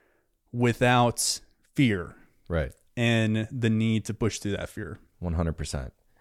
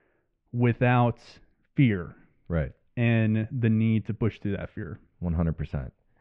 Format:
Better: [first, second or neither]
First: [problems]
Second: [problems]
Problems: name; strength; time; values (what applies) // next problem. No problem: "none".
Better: first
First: none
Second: muffled; very; fading above 2.5 kHz